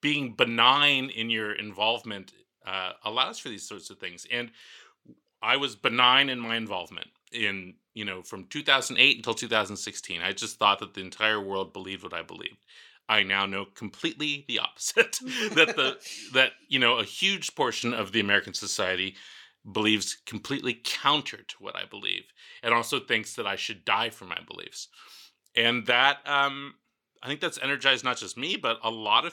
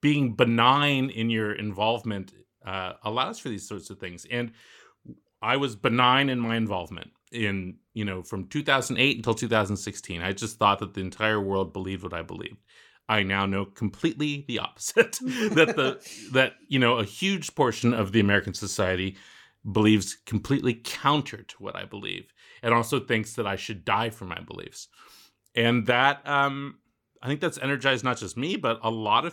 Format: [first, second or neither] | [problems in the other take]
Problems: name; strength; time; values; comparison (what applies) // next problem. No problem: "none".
second | thin; very slightly; fading below 400 Hz